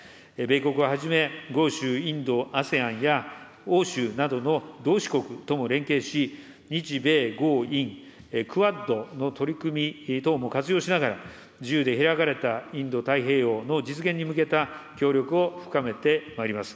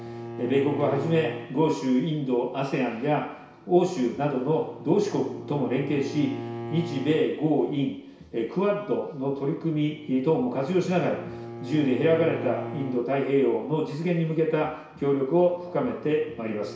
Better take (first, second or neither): first